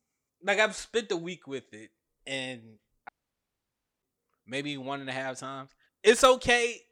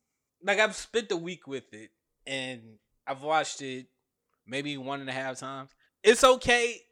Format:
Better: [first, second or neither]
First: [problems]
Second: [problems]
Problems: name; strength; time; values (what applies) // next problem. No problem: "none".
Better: second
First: audio cutting out; at 3 s for 1 s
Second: none